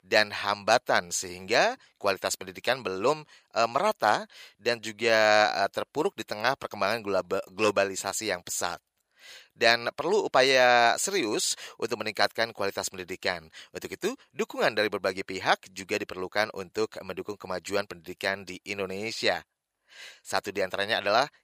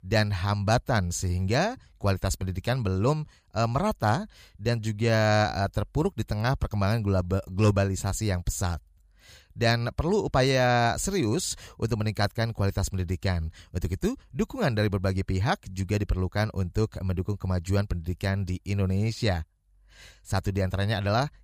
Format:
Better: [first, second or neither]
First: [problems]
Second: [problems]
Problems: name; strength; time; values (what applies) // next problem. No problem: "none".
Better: second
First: thin; very; fading below 450 Hz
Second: none